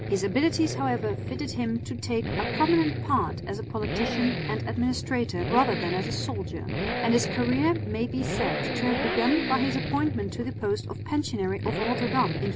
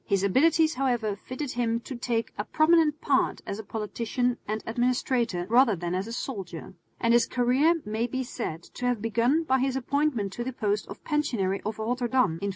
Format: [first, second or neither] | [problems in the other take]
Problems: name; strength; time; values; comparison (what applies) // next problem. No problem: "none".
second | background sound (Accelerating, revving, vroom); 3 dB below the speech